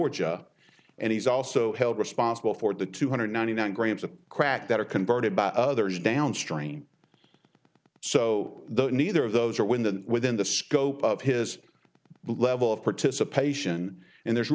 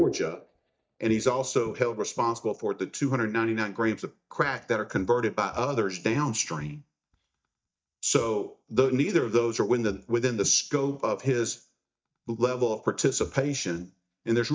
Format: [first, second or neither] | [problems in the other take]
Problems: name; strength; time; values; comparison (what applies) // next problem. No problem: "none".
first | noise reduction (neural mask model DeepFilterNet 3)